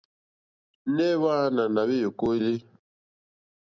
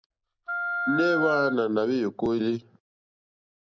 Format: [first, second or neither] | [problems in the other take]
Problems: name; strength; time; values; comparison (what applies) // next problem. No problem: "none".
first | background sound (Wind instrument, woodwind instrument); 3 dB below the speech